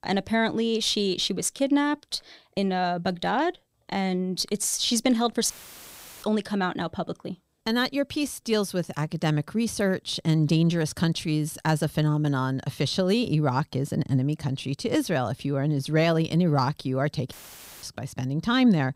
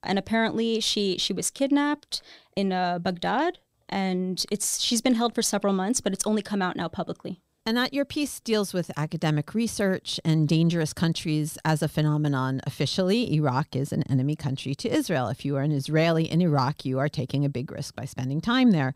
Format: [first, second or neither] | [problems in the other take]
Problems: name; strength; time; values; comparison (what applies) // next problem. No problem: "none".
second | audio cutting out; filled with static; at 5.5 s for 0.5 s and at 17 s for 0.5 s